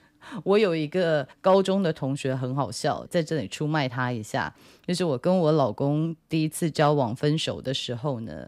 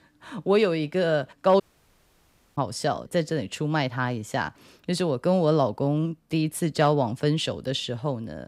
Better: first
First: none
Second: audio cutting out; at 1.5 s for 1 s

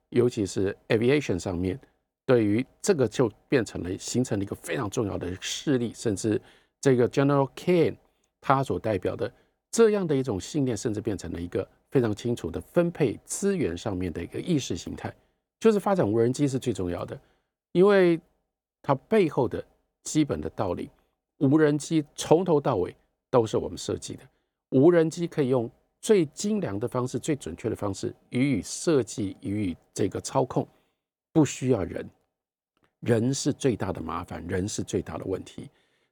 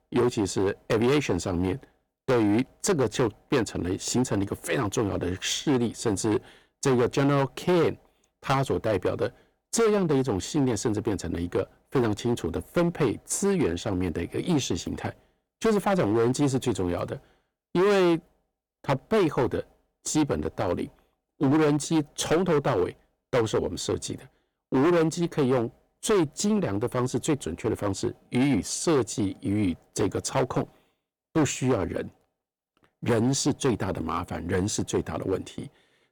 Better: first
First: none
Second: distortion; heavy; 10% of the sound clipped

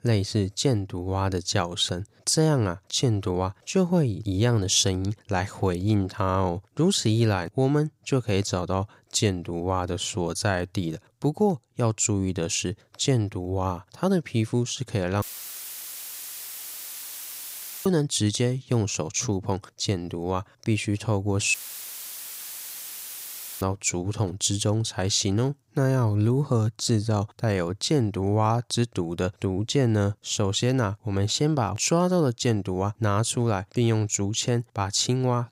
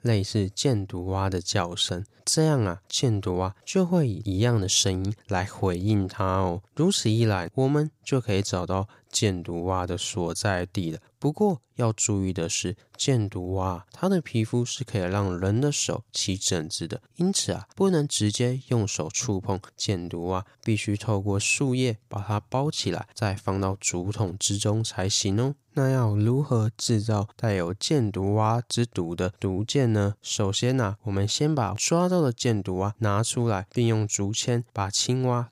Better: second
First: audio cutting out; filled with static; at 15 s for 2.5 s and at 22 s for 2 s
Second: none

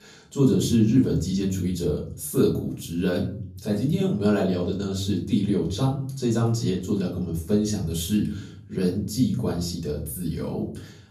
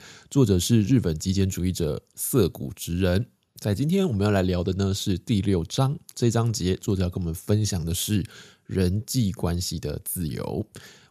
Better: second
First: off-mic speech; far // room echo; slight; dies away in 0.5 s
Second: none

